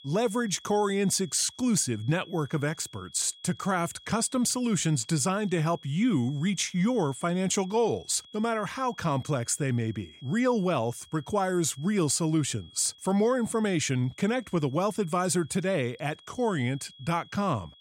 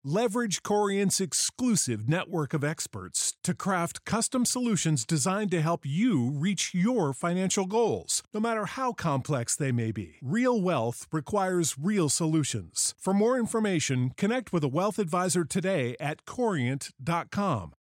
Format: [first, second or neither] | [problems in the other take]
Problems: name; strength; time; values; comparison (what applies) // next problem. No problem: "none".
second | high-pitched whine; faint; throughout; 3.5 kHz, 25 dB below the speech